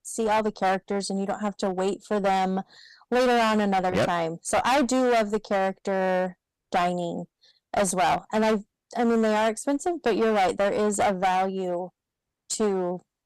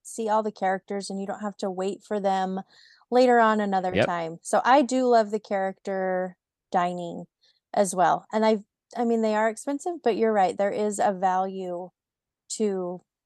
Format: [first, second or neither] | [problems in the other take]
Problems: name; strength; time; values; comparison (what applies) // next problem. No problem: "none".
second | distortion; heavy; 16% of the sound clipped